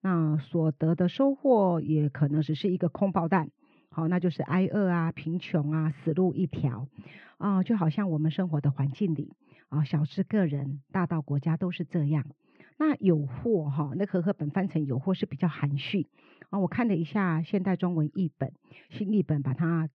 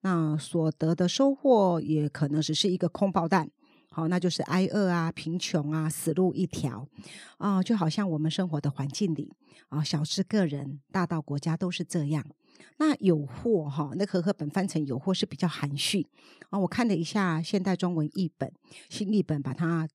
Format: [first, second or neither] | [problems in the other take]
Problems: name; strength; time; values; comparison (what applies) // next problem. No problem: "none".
second | muffled; very; fading above 2.5 kHz